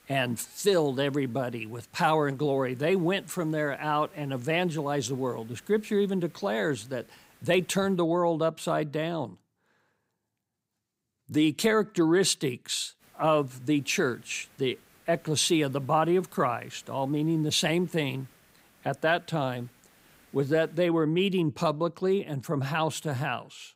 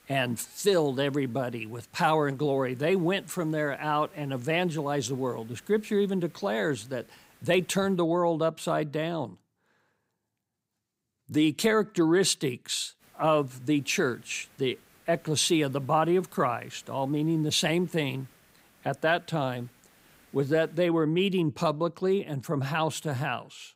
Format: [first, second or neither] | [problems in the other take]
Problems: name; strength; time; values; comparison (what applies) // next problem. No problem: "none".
neither | hiss; faint; until 8 s and from 13 to 21 s; 30 dB below the speech; the same in both